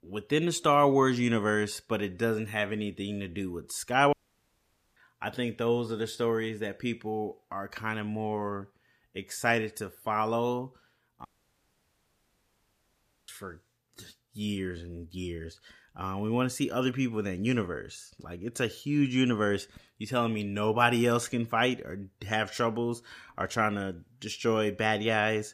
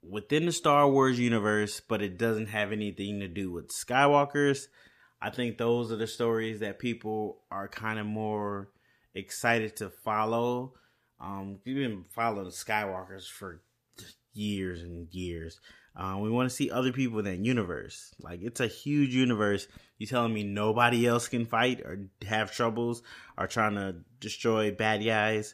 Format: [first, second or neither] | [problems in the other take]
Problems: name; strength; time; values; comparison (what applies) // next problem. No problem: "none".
second | audio cutting out; at 4 s for 1 s and at 11 s for 2 s